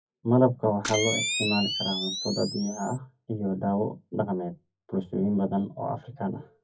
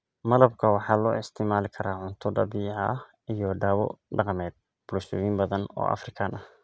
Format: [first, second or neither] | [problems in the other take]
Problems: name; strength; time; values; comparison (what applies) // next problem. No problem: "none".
second | noise reduction (classical method WPE with log-MMSE)